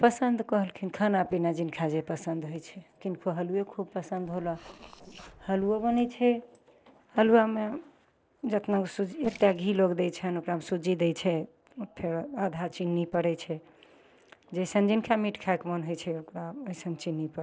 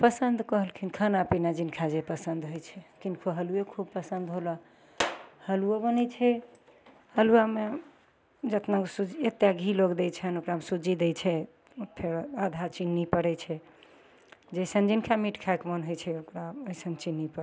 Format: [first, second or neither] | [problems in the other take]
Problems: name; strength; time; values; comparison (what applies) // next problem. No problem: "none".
second | noise reduction (neural separator model SepFormer DNS4)